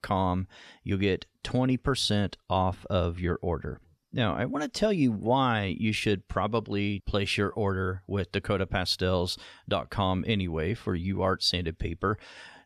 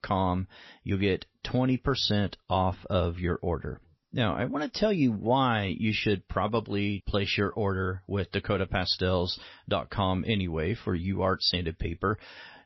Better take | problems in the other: first | garbled, watery; slightly; nothing above 5 kHz

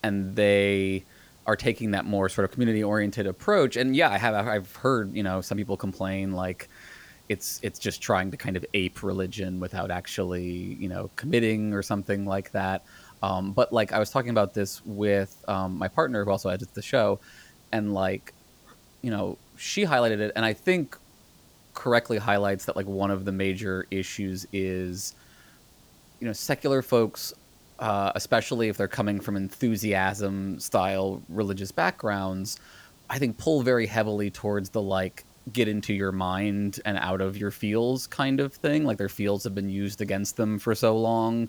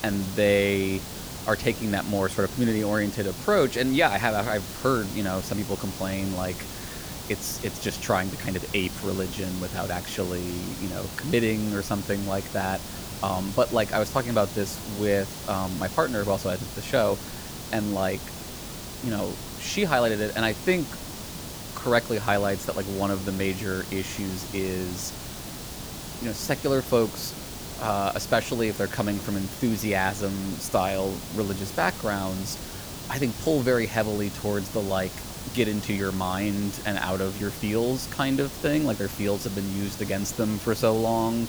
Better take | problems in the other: first | hiss; loud; throughout; 9 dB below the speech; faint in the first

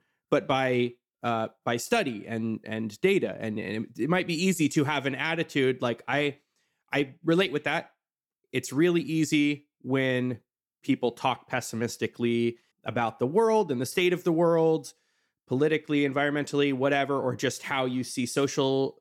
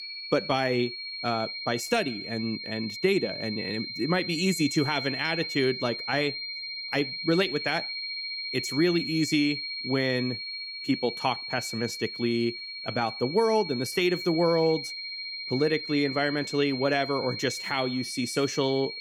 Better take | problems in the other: first | high-pitched whine; loud; throughout; 4 kHz, 6 dB below the speech

